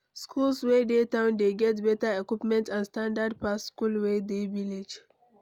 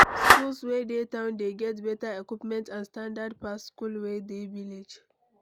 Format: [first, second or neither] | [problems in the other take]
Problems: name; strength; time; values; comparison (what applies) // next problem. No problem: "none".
first | background sound (Clapping); 4 dB above the speech